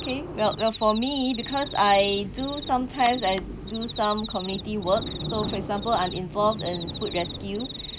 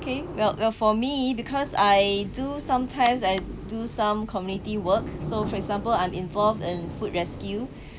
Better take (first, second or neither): second